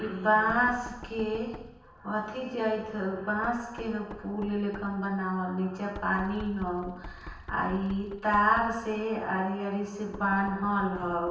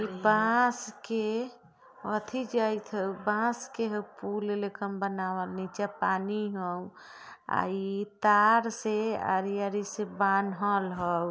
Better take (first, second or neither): second